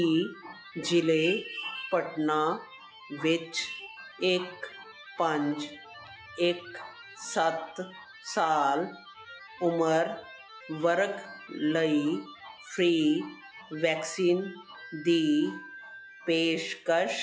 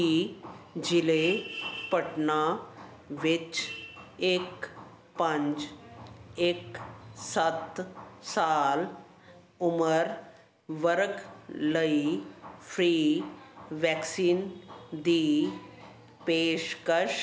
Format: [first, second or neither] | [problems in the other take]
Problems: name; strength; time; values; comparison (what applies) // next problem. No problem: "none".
second | noise reduction (classical method log-MMSE)